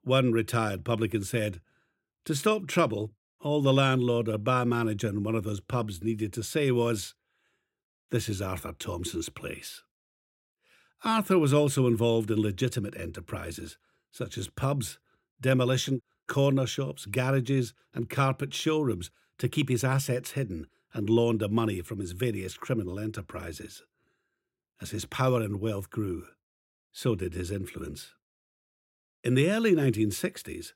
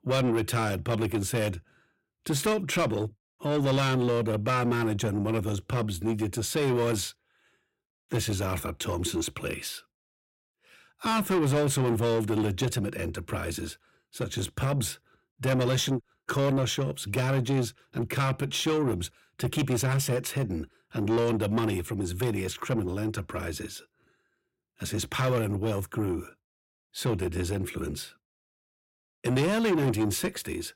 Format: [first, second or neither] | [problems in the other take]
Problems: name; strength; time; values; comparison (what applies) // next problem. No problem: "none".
first | distortion; heavy; 8 dB below the speech